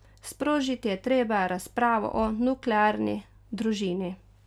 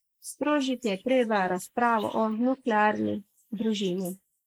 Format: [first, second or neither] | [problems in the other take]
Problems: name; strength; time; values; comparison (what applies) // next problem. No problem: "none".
first | noise reduction (neural mask model Resemble Enhance denoiser)